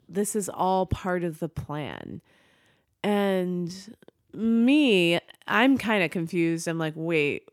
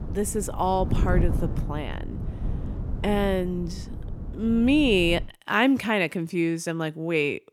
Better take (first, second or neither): first